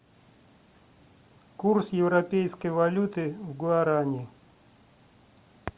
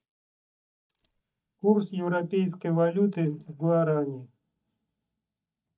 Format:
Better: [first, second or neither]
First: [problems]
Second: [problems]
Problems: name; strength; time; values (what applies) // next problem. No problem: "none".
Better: first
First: none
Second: noise reduction (neural mask model DeepFilterNet 3)